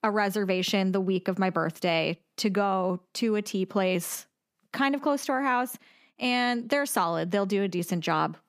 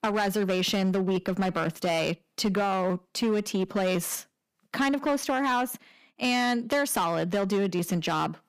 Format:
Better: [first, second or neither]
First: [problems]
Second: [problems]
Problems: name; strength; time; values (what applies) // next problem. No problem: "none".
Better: first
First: none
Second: distortion; slight; 11% of the sound clipped